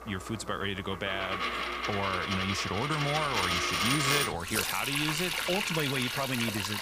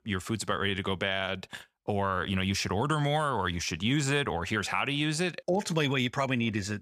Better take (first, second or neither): second